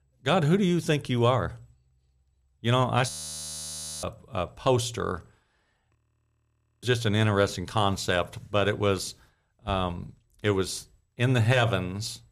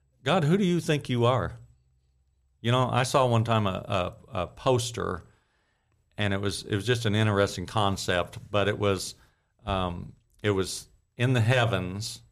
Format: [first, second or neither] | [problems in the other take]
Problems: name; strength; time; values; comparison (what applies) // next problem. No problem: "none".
second | audio freezing; at 3 s for 1 s and at 6 s for 1 s